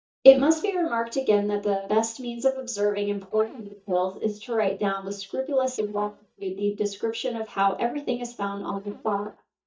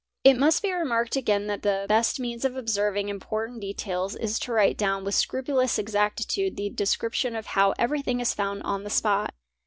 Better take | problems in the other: second | noise reduction (neural mask model DeepFilterNet 3)

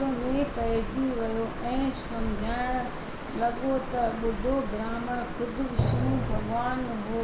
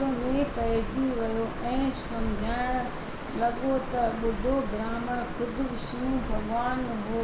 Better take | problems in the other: second | background sound (Drum); 1 dB below the speech

